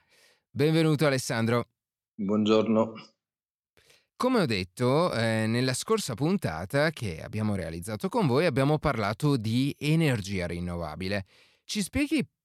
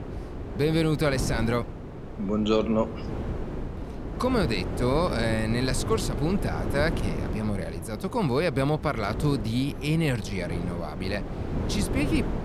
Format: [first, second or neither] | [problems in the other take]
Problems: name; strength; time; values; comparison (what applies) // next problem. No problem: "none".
first | wind noise on the microphone; heavy; 9 dB below the speech